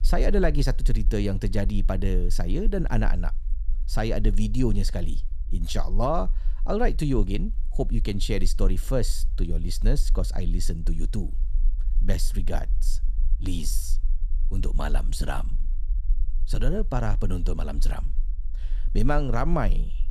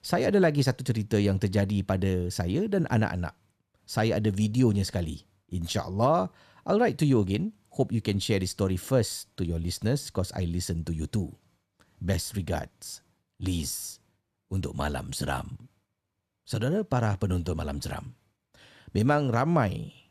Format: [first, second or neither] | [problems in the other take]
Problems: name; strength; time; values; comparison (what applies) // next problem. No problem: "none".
second | low rumble; faint; throughout; 25 dB below the speech